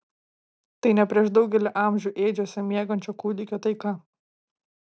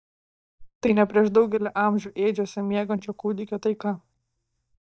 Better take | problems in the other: first | noise reduction (neural mask model DeepFilterNet 3)

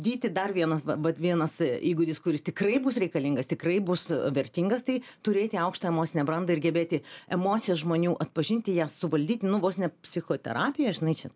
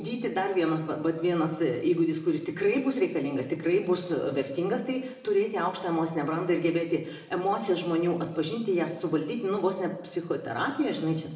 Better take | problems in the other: first | room echo; dies away in 1 s

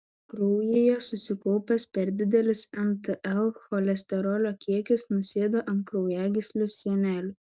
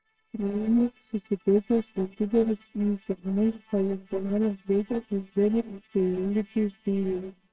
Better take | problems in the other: first | noise reduction (neural separator model SepFormer WHAMR!)

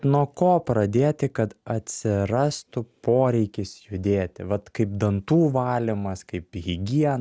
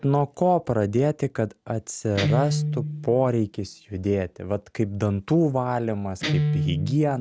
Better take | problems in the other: first | background sound (Guitar); 6 dB below the speech

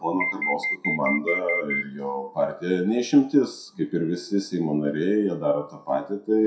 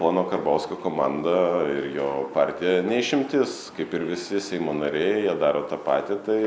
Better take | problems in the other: second | noise reduction (classical method WPE with log-MMSE)

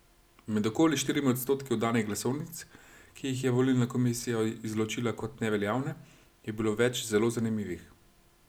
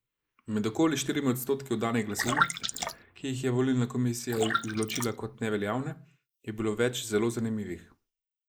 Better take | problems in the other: first | noise reduction (neural mask model Resemble Enhance denoiser)

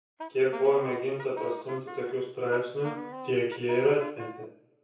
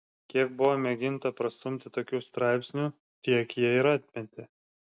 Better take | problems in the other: second | background sound (Wind instrument, woodwind instrument); 13 dB below the speech // room echo; dies away in 0.6 s

